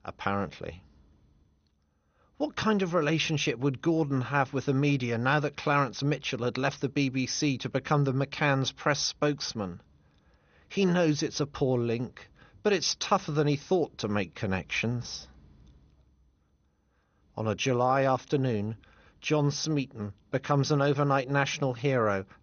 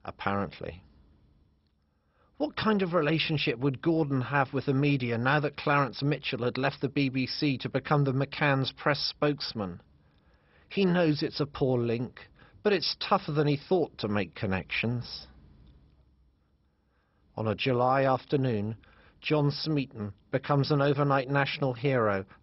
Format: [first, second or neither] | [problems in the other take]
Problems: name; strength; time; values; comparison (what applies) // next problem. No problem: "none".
first | garbled, watery; badly; nothing above 5.5 kHz; slightly in the first